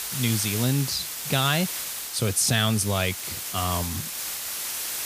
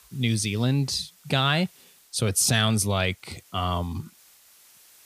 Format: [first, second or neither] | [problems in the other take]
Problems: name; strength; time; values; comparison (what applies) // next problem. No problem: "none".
second | hiss; loud; throughout; 4 dB below the speech; faint in the second